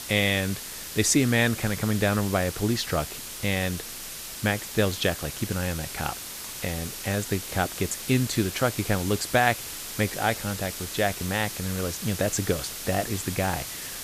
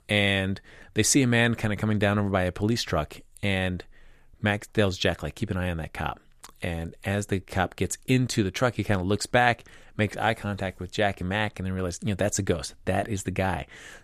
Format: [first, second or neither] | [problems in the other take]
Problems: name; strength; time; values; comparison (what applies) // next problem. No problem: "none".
second | hiss; loud; throughout; 7 dB below the speech